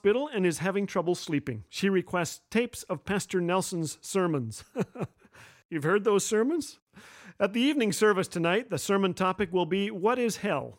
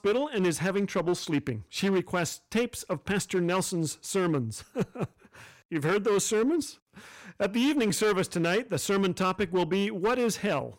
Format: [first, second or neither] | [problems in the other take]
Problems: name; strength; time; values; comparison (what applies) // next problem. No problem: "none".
first | distortion; slight; 9% of the sound clipped